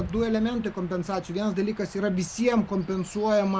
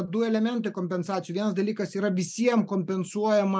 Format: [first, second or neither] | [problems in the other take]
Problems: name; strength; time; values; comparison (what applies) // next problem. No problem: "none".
second | background sound (Stream / Chirp, tweet / Wind); 18 dB below the speech